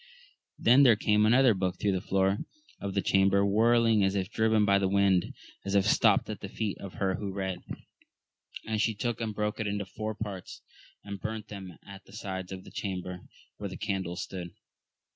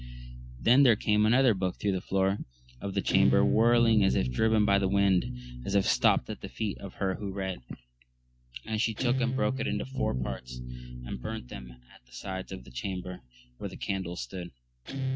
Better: first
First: none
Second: noise reduction (neural mask model RNNoise)

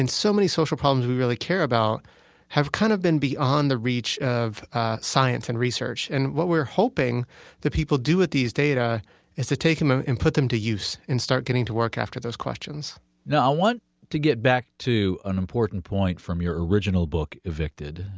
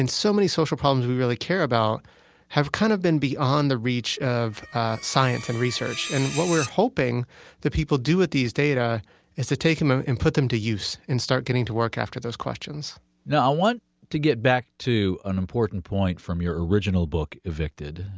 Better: first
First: none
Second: background sound (Screech); 14 dB below the speech

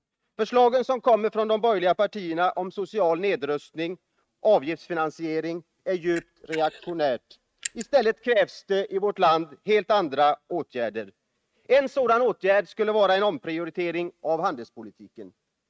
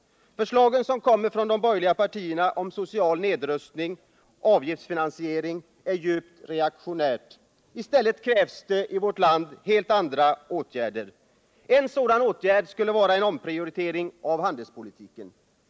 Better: second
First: noise reduction (neural mask model RNNoise)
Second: none

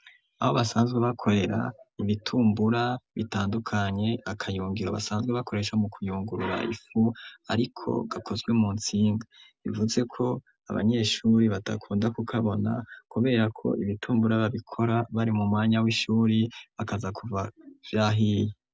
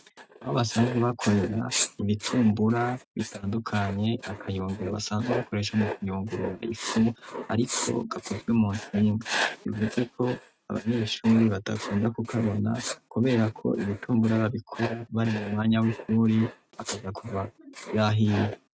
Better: first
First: none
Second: noise reduction (neural mask model RNNoise)

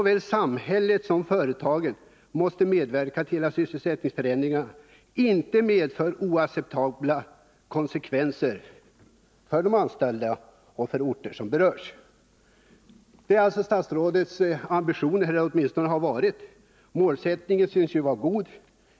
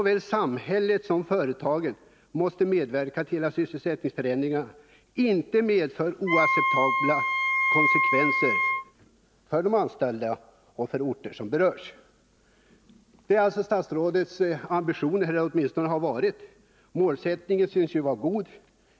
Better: first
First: none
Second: background sound (Wind instrument, woodwind instrument); 2 dB above the speech

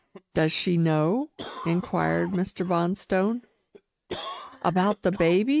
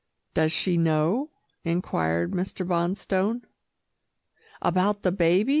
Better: second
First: noise reduction (neural mask model RNNoise)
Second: none

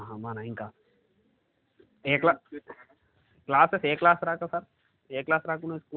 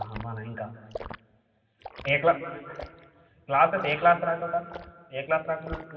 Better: first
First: none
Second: background sound (Liquid); 16 dB below the speech // room echo; dies away in 1.9 s

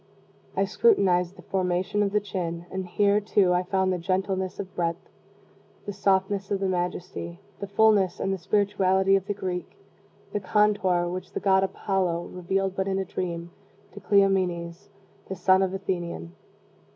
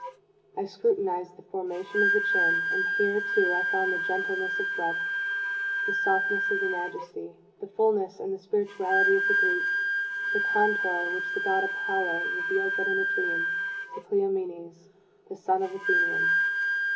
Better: first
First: none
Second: background sound (Wind instrument, woodwind instrument); 2 dB above the speech // room echo; dies away in 0.7 s

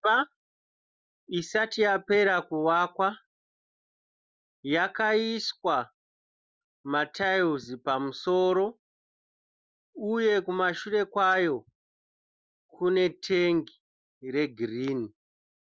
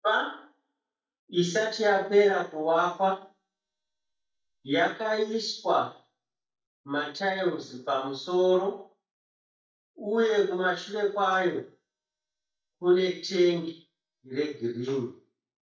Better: first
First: none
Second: noise reduction (neural mask model DeepFilterNet 3)

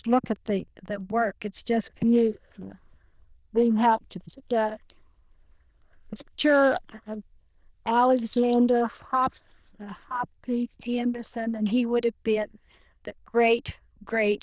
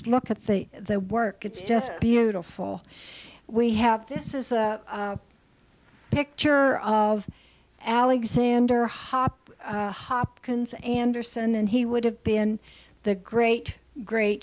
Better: second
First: noise reduction (neural diffusion model UNIVERSE++)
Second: none

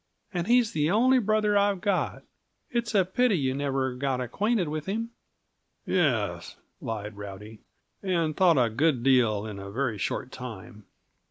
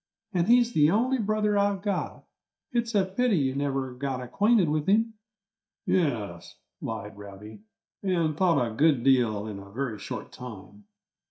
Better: first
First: none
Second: noise reduction (neural mask model DeepFilterNet 3)

